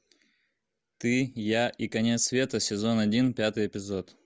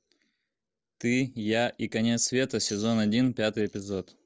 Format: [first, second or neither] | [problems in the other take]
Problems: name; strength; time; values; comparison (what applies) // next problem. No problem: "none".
first | noise reduction (neural separator model SepFormer DNS4)